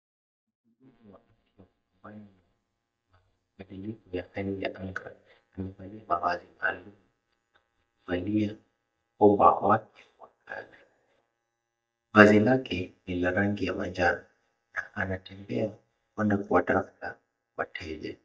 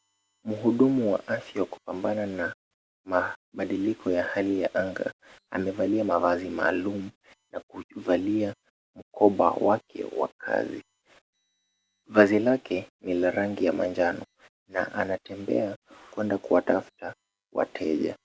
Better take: second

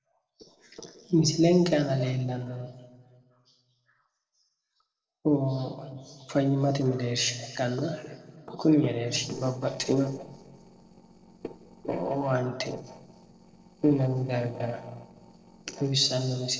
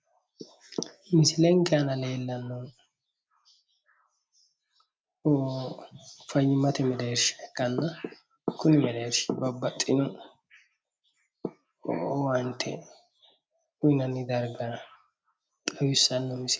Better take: second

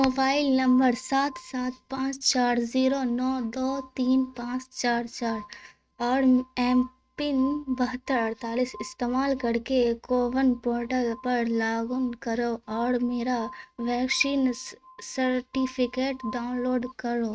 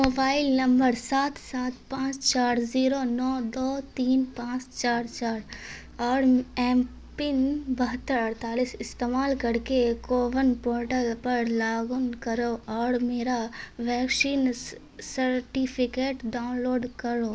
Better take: second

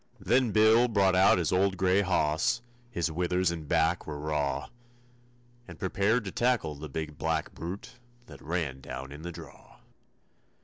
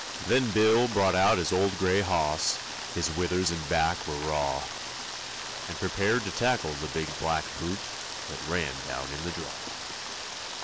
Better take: first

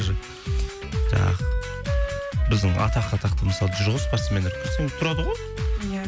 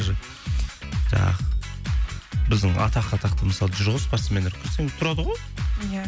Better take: second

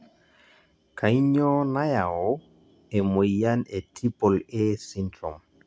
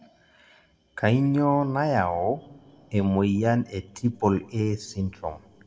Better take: first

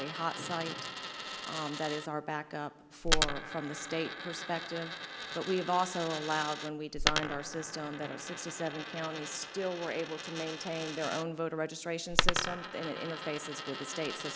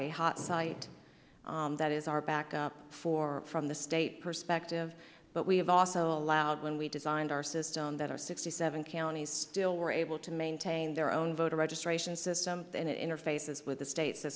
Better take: second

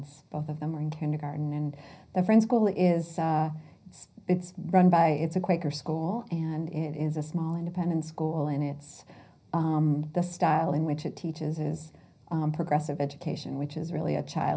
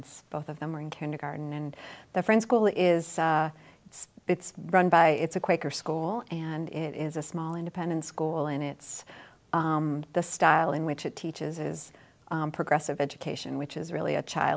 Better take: second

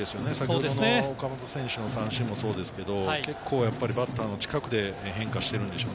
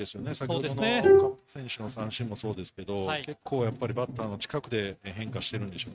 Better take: first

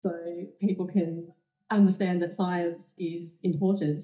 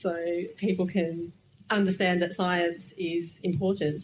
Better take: second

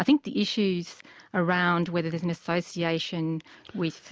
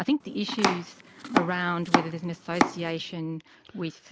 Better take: first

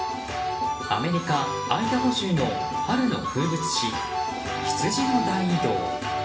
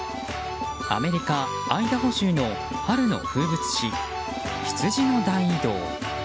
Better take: second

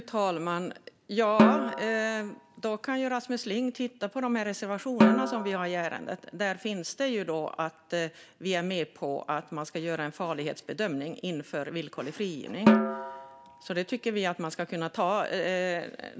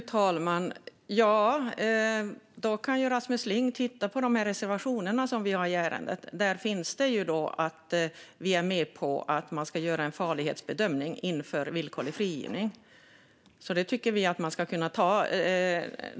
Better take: second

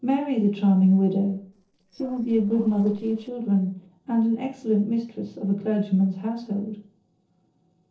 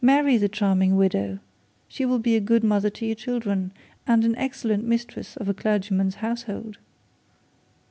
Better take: second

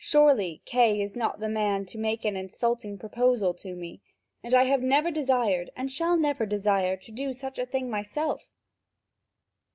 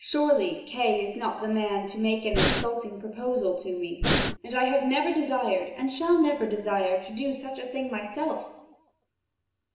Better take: first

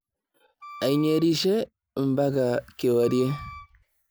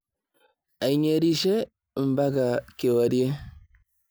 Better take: second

